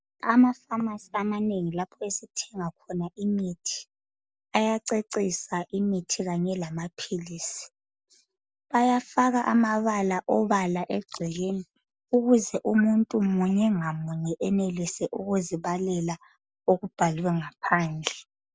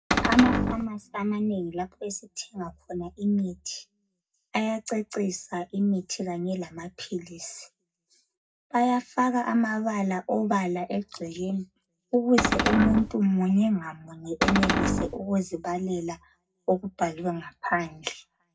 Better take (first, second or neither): first